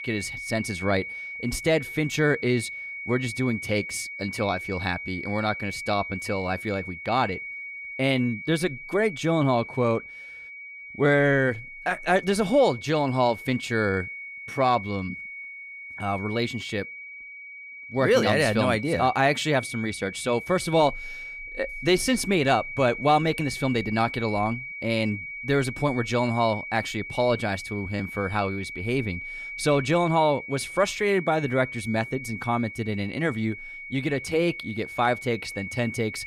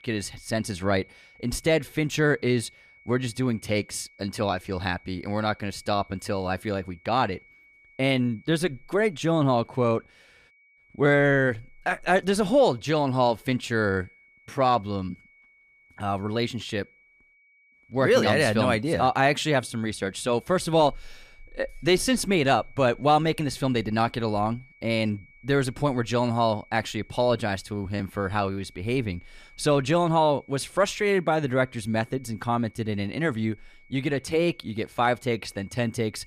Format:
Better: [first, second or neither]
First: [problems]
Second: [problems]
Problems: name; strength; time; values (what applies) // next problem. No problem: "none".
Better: second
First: high-pitched whine; loud; throughout; 2.5 kHz, 10 dB below the speech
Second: high-pitched whine; faint; throughout; 2.5 kHz, 30 dB below the speech